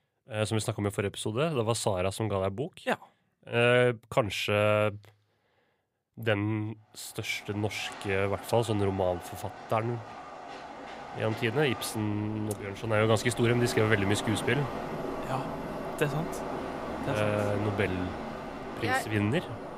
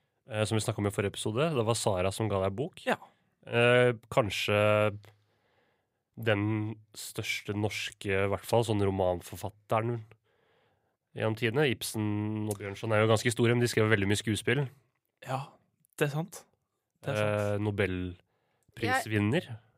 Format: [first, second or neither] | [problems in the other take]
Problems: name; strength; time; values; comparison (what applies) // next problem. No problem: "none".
second | train or aircraft noise; loud; from 7.5 s on; 9 dB below the speech